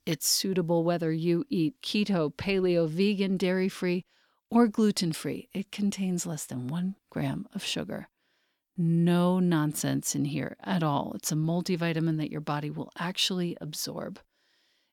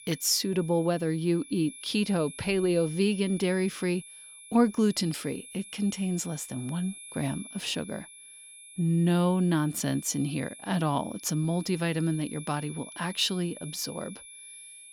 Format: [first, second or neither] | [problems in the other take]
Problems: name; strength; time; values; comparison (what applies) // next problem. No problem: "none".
first | high-pitched whine; noticeable; throughout; 10.5 kHz, 15 dB below the speech